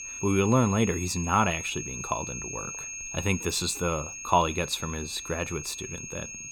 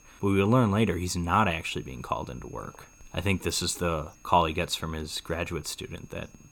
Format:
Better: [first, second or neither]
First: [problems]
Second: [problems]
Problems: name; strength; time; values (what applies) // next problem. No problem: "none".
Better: second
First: high-pitched whine; loud; throughout; 6.5 kHz, 8 dB below the speech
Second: high-pitched whine; faint; throughout; 6.5 kHz, 30 dB below the speech